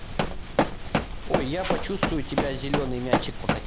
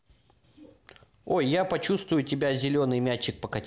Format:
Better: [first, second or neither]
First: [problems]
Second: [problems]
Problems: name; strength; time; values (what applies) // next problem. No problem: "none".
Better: second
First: background sound (Run); 5 dB above the speech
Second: none